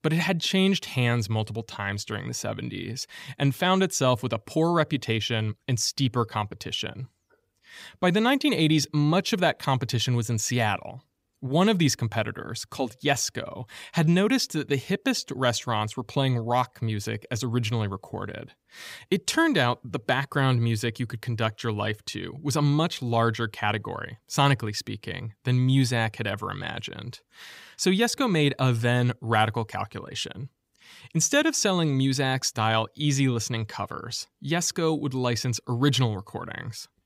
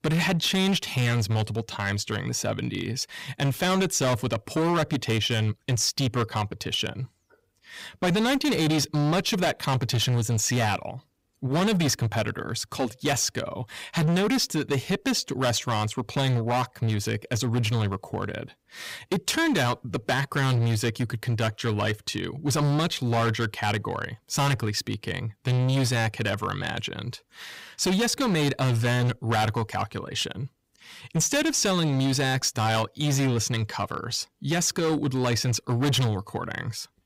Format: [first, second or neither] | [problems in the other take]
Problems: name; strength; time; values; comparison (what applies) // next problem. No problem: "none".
first | distortion; heavy; 16% of the sound clipped